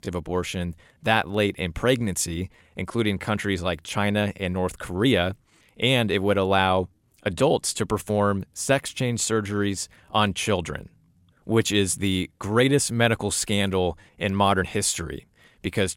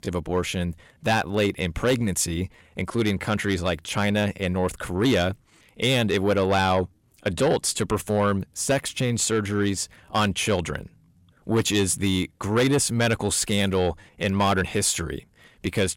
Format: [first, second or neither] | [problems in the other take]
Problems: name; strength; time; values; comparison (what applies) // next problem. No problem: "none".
first | distortion; slight; 10 dB below the speech